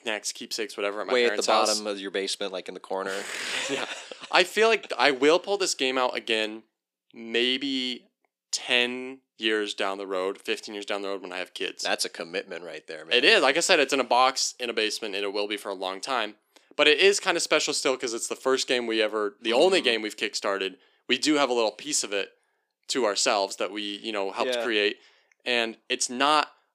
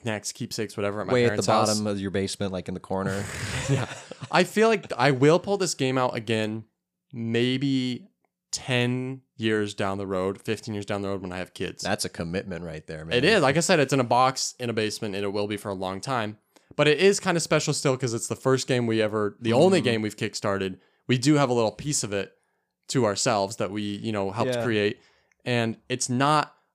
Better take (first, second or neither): second